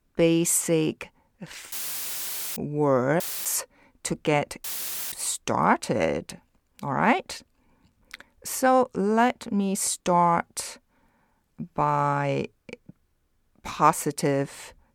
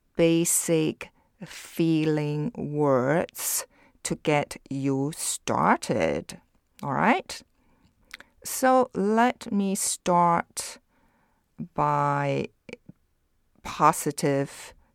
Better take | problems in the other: second | audio cutting out; filled with static; at 1.5 s for 1 s, at 3 s and at 4.5 s

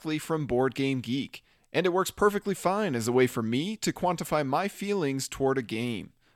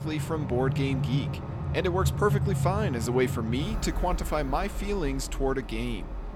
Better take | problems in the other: first | train or aircraft noise; loud; throughout; 2 dB below the speech

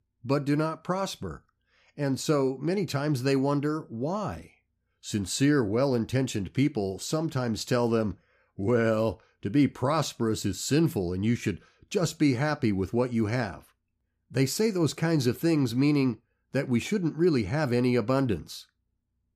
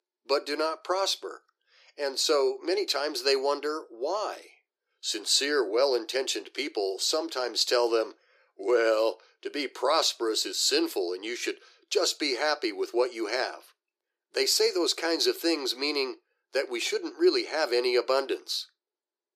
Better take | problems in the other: first | thin; very; fading below 350 Hz

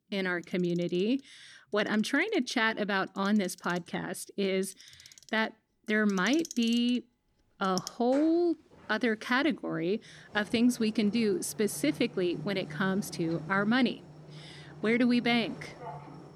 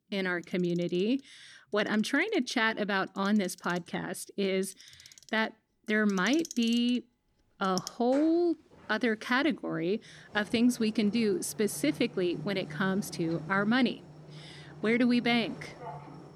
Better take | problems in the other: neither | household noises; noticeable; throughout; 15 dB below the speech; the same in both

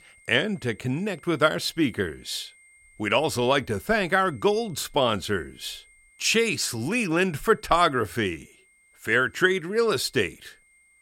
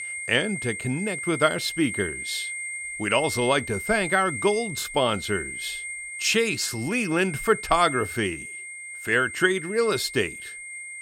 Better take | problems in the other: first | high-pitched whine; loud; throughout; 2 kHz, 8 dB below the speech; faint in the first

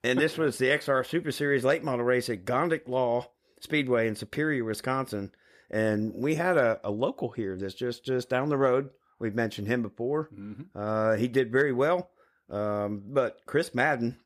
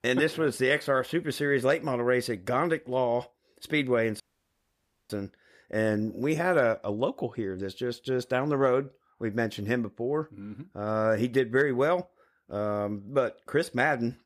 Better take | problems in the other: first | audio cutting out; at 4 s for 1 s

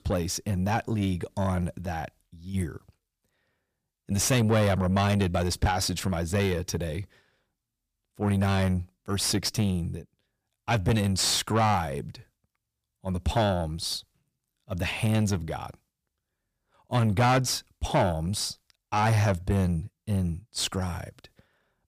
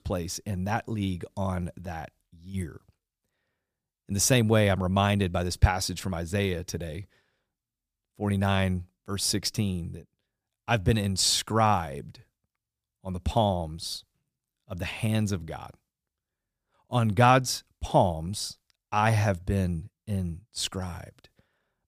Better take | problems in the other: second | distortion; heavy; 7 dB below the speech

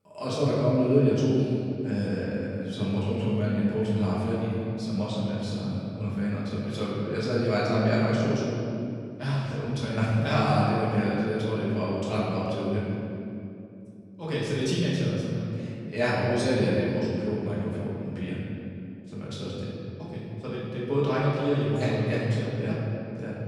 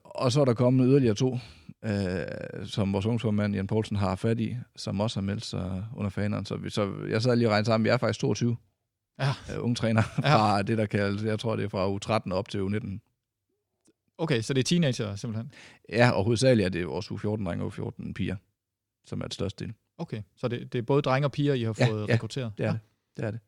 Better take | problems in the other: second | room echo; strong; dies away in 2.5 s // off-mic speech; far

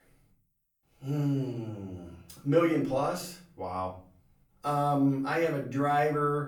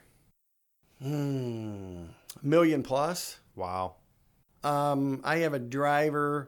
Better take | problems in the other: second | off-mic speech; far // room echo; slight; dies away in 0.4 s

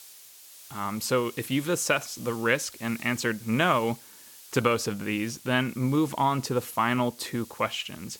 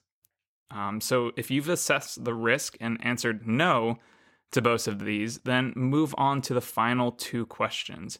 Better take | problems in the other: second | hiss; noticeable; throughout; 20 dB below the speech

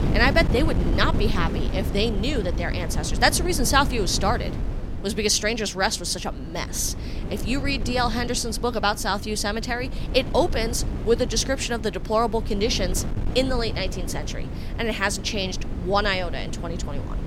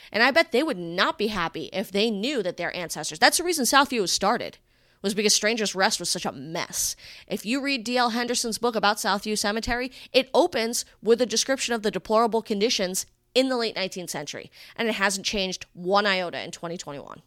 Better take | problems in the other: second | wind noise on the microphone; occasional gusts; 15 dB below the speech

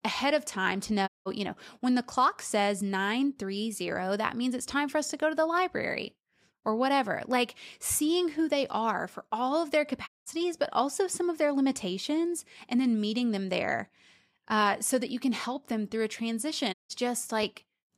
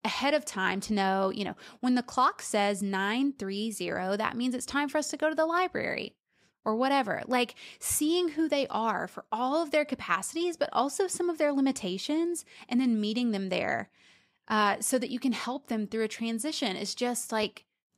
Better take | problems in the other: second | audio cutting out; at 1 s, at 10 s and at 17 s

